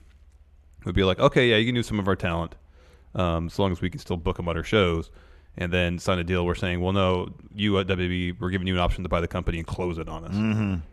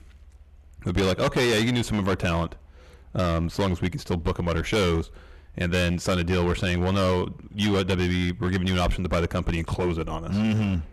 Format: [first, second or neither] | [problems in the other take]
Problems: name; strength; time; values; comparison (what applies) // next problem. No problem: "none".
first | distortion; heavy; 15% of the sound clipped